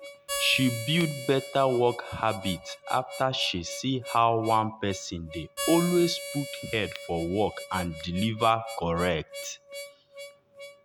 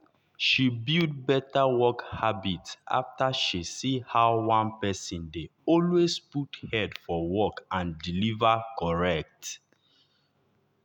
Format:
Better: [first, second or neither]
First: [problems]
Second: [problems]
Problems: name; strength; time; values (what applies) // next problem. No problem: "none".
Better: second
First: background sound (Harmonica); 11 dB below the speech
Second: none